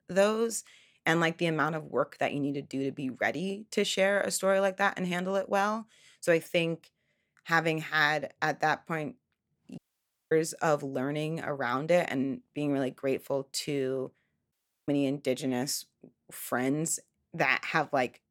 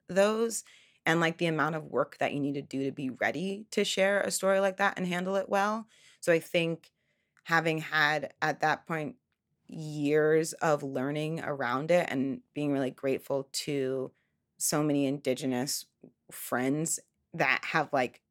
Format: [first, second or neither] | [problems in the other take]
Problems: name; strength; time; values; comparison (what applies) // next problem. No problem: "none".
second | audio cutting out; at 10 s for 0.5 s and at 15 s